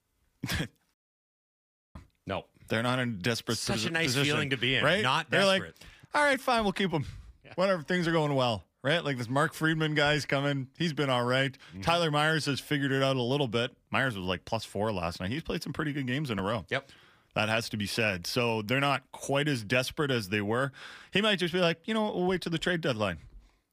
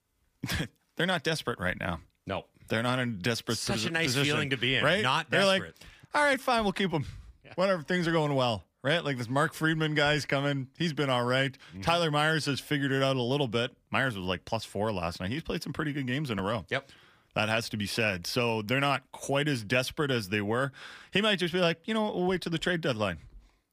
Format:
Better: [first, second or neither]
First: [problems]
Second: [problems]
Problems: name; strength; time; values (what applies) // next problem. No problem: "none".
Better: second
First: audio cutting out; at 1 s for 1 s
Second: none